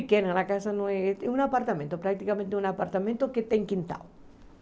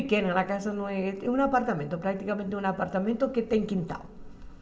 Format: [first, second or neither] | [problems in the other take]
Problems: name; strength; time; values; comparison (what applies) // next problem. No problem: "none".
first | room echo; dies away in 1.6 s